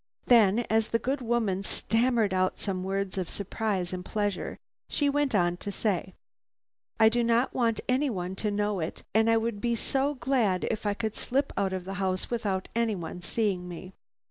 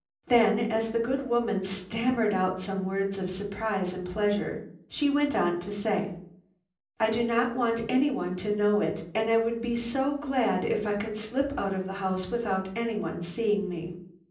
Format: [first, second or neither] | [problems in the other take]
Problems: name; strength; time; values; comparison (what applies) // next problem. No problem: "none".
first | room echo; dies away in 0.6 s